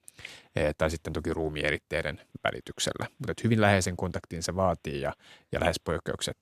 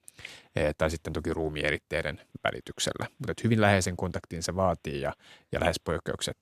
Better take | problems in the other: neither | none

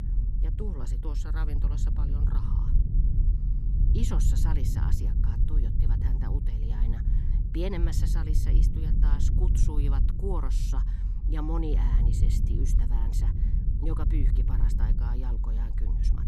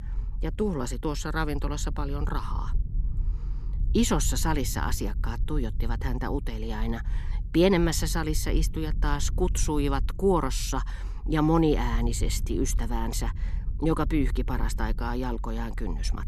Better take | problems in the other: second | low rumble; loud; throughout; 3 dB below the speech; faint in the second

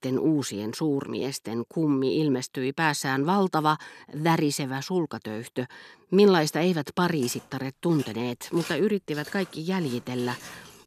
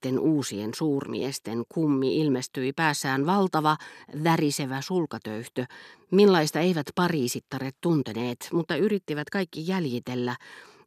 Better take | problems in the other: second | footsteps; faint; from 7 s on; peak 15 dB below the speech

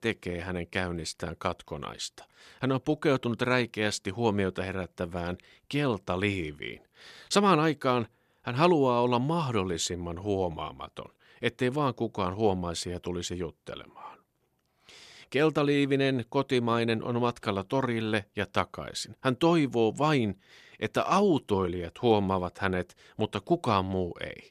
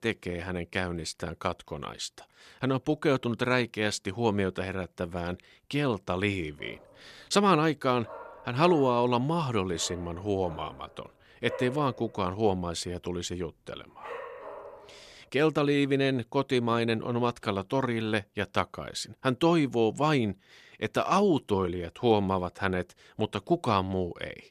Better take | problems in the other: first | dog barking; noticeable; from 6.5 to 15 s; peak 10 dB below the speech

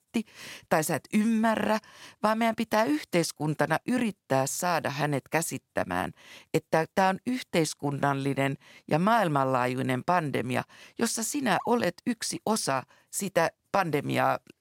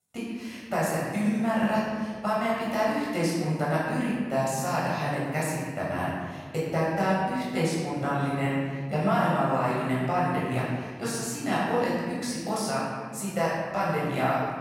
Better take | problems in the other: first | room echo; strong; dies away in 2.1 s // off-mic speech; far

